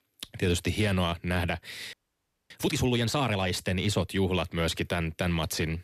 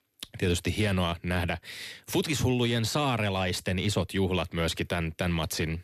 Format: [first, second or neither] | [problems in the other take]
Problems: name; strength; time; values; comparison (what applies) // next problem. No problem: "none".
second | audio freezing; at 2 s for 0.5 s